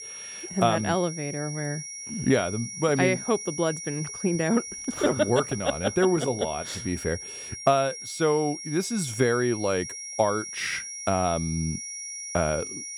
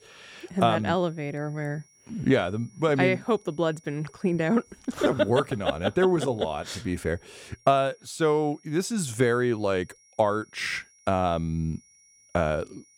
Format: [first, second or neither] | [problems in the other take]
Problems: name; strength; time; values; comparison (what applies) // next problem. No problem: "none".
second | high-pitched whine; loud; throughout; 5.5 kHz, 8 dB below the speech; faint in the second